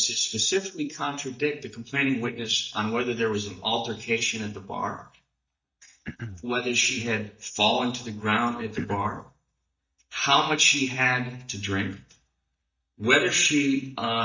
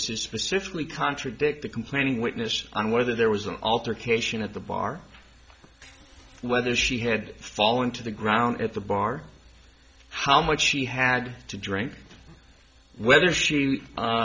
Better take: second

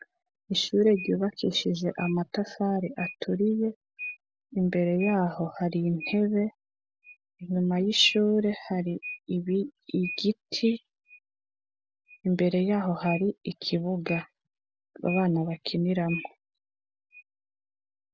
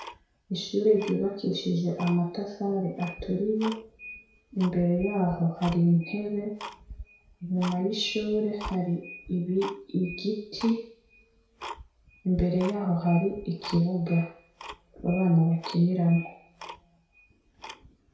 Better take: first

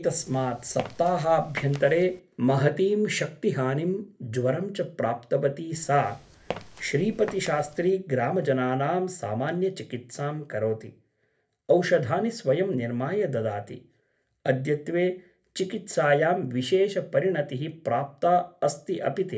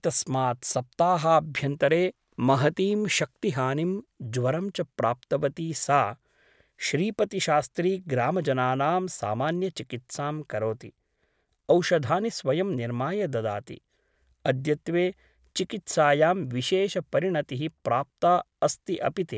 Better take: second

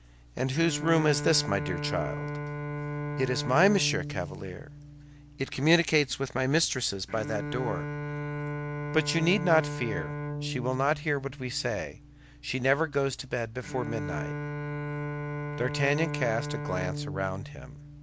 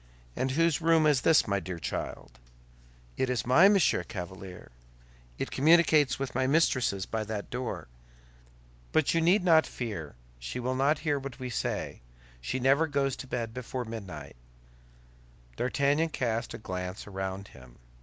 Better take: second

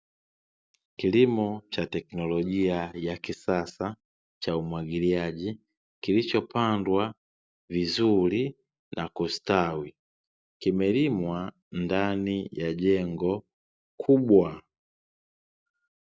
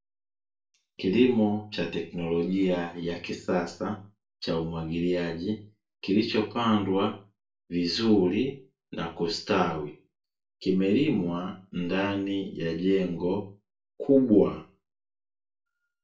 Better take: first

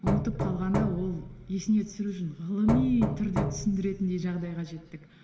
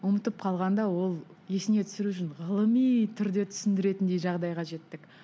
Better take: second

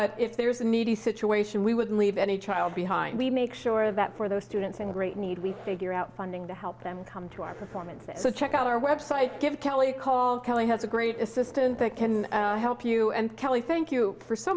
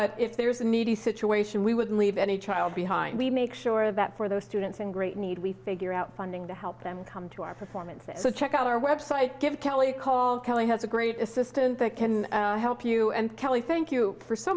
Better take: second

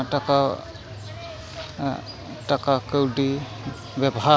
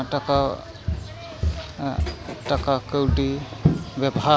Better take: first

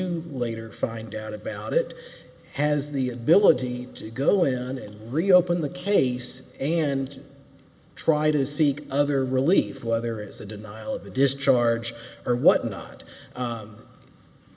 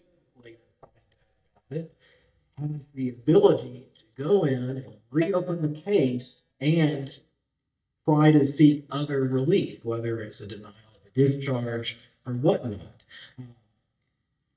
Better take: first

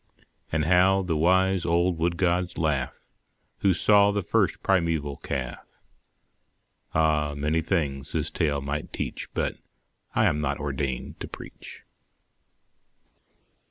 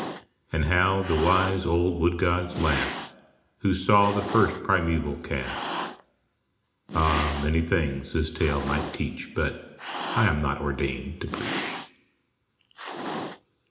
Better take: first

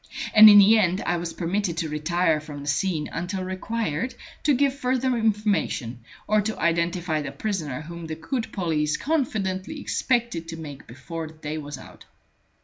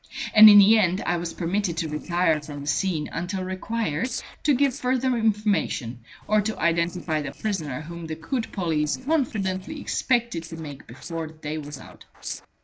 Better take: first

